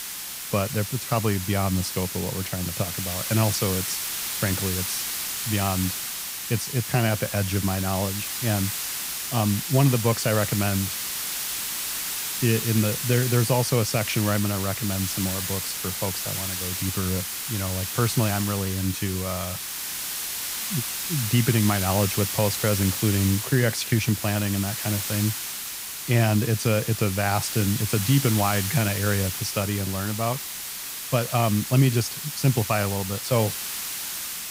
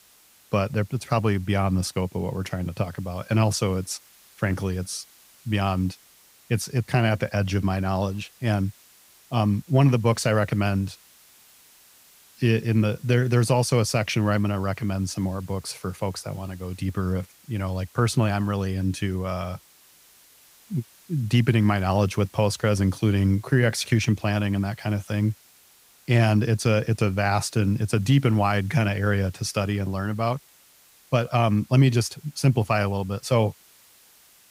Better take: second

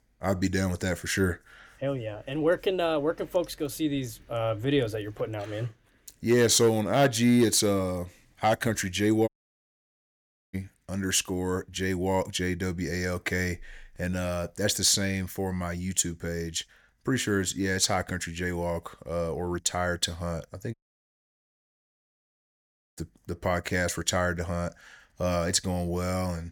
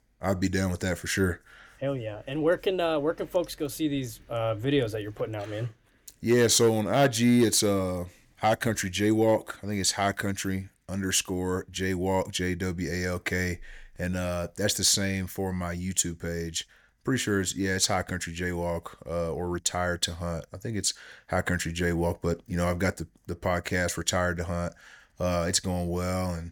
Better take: second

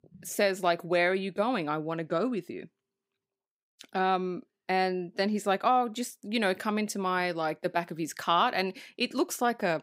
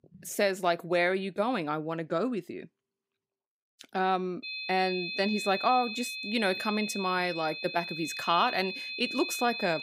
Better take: first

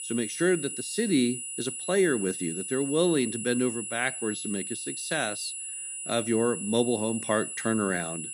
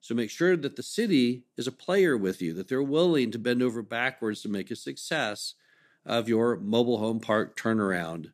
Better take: second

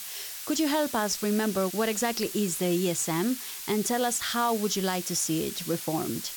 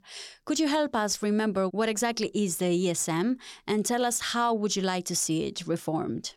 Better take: second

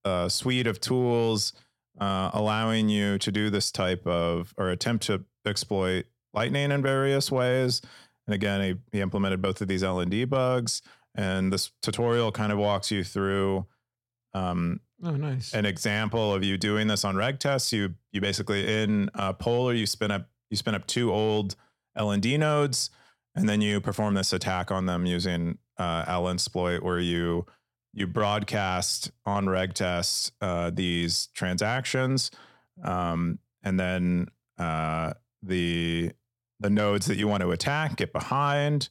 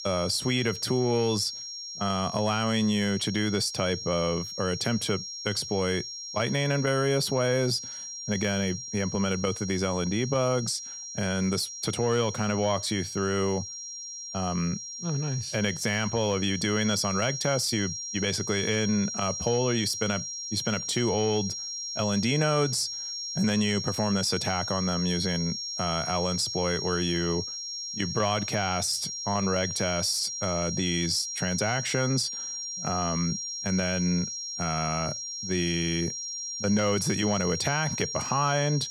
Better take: first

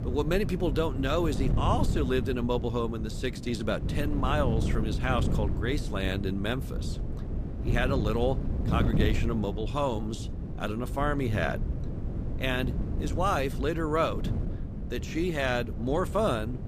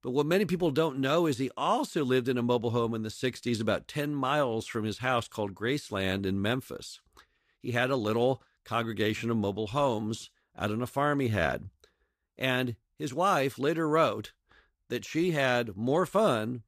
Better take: second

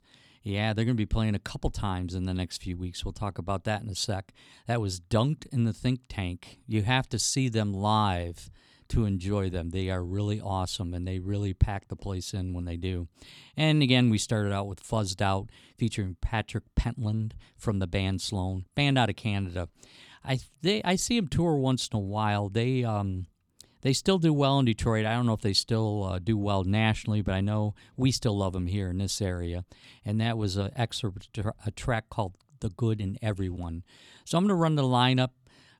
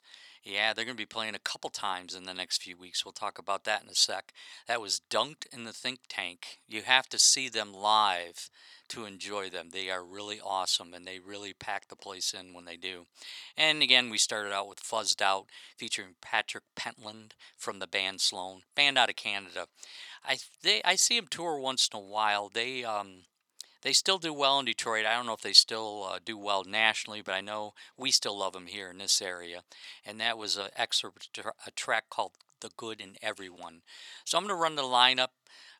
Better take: first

